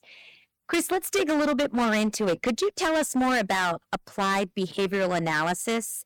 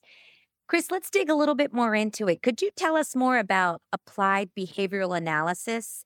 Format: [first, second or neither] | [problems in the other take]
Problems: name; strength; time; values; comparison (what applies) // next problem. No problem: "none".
second | distortion; heavy; 16% of the sound clipped